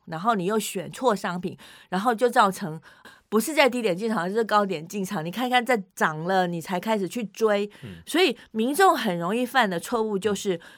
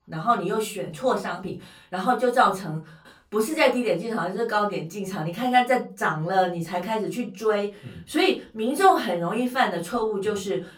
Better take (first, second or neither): first